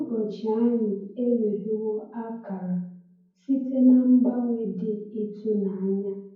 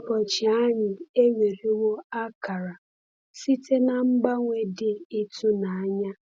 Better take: second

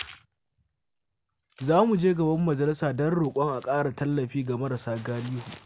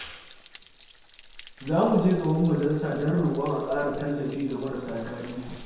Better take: first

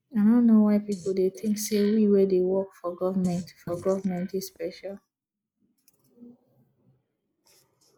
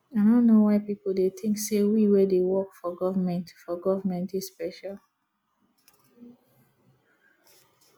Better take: second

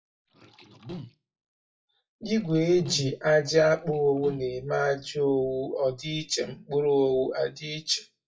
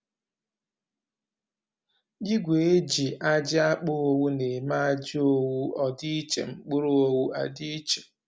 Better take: second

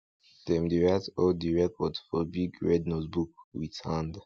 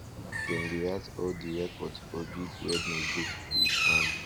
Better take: first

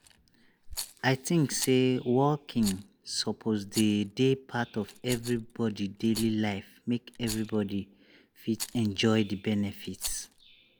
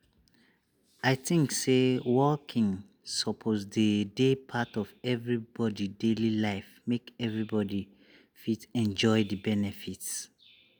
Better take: second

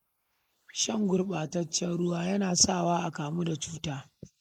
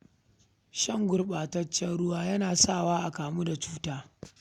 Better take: second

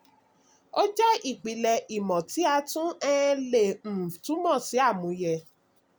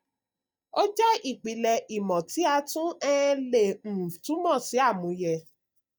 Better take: first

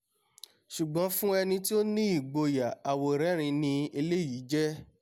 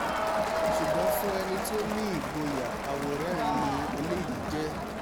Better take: first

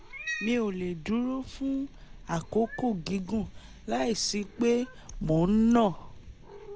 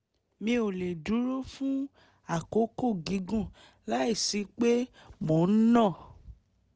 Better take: second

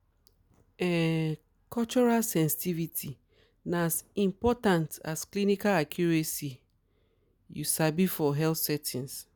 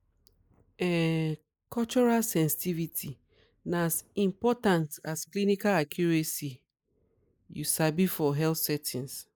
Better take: first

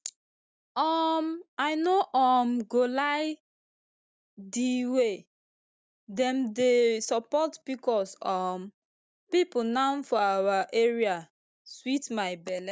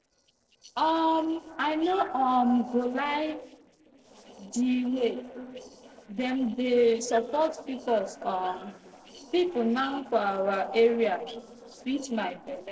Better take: first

